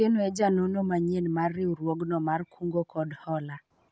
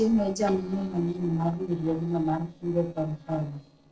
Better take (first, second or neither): first